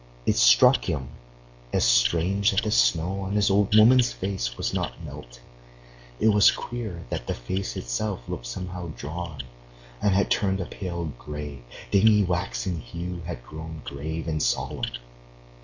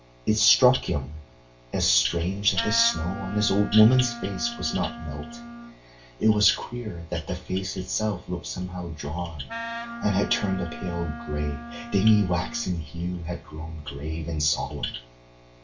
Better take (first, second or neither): first